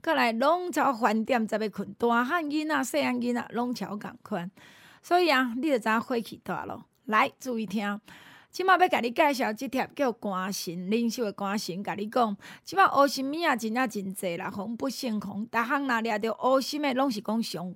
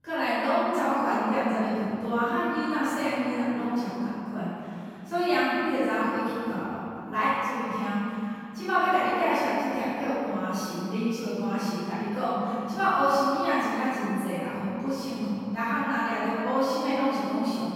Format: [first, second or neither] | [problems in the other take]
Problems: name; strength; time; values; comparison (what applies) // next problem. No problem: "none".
first | off-mic speech; far // room echo; strong; dies away in 2.8 s